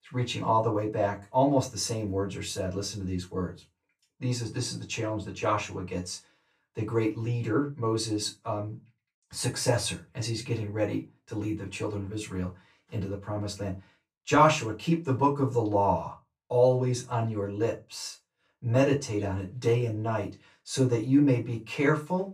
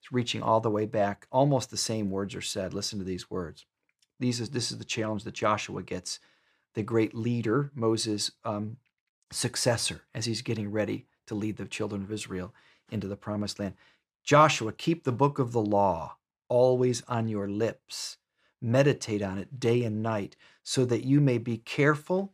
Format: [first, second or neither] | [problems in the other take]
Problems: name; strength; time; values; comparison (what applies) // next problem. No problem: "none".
second | off-mic speech; far // room echo; very slight; dies away in 0.2 s